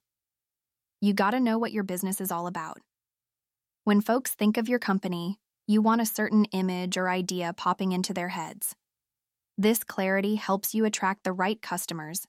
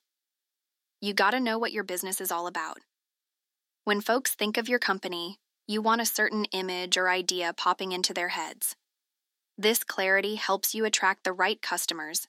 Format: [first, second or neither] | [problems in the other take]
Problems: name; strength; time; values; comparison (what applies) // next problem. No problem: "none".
first | thin; somewhat; fading below 300 Hz